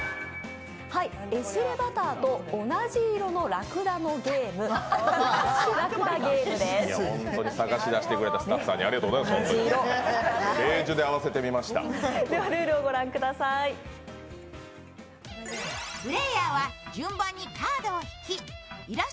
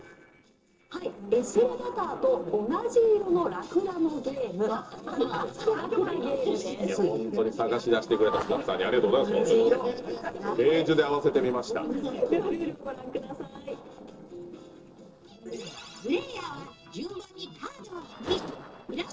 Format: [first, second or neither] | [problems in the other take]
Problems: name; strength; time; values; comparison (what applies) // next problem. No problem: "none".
first | noise reduction (neural separator model SepFormer DNS4)